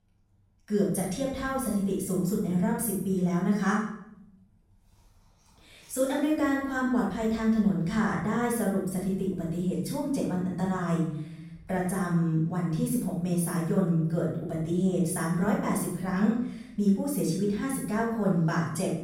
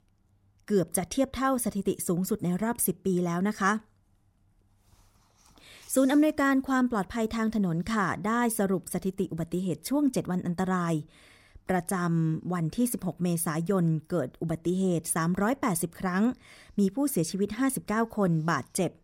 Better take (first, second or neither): second